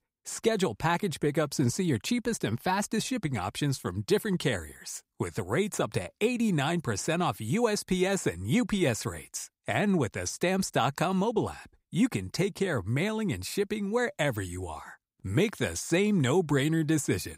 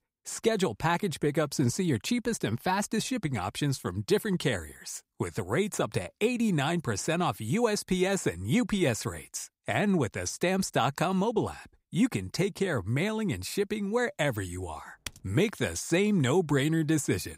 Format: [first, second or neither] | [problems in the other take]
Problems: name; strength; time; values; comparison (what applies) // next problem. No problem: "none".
first | keyboard typing; faint; at 15 s; peak 15 dB below the speech